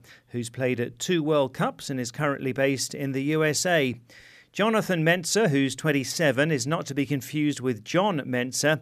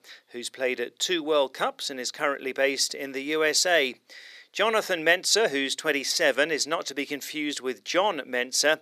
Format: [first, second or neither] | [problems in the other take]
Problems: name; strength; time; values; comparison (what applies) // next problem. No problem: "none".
first | thin; somewhat; fading below 350 Hz